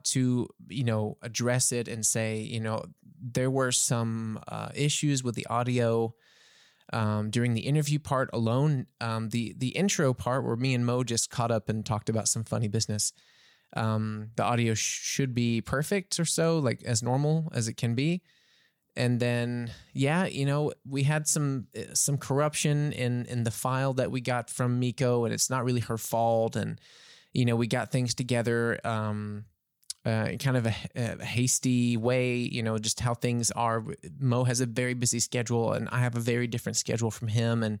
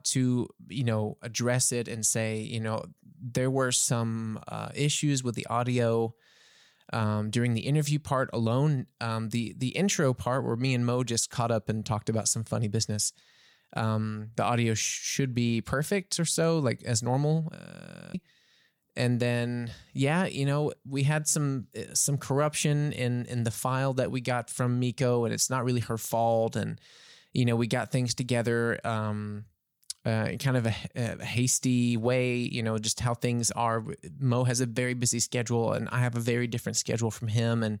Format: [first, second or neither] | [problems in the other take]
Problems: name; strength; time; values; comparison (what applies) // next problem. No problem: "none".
first | audio freezing; at 18 s for 0.5 s